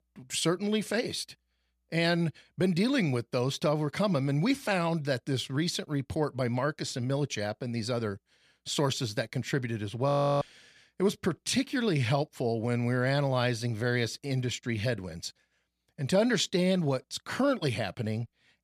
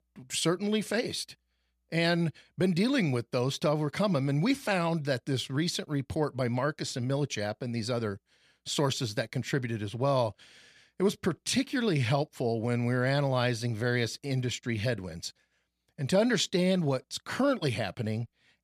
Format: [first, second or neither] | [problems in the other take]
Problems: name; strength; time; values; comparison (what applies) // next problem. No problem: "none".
second | audio freezing; at 10 s